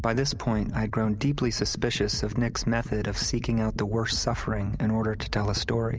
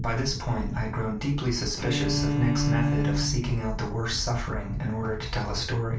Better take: first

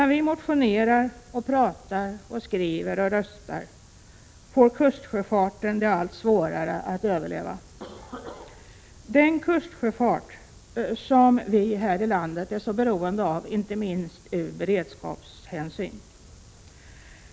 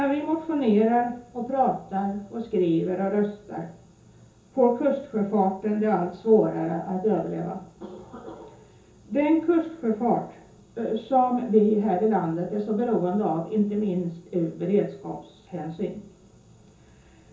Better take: first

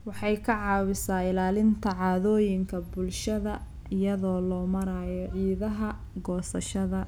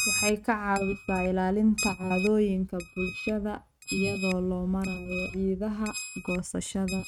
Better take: first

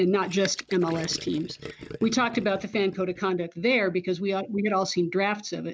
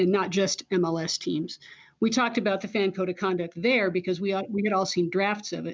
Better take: second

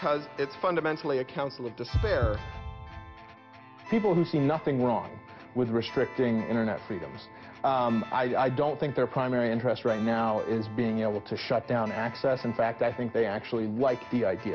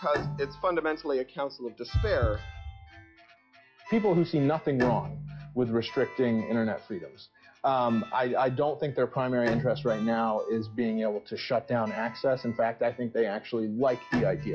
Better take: first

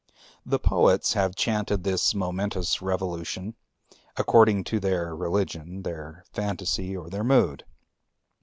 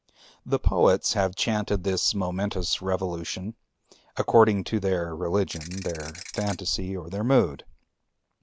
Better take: first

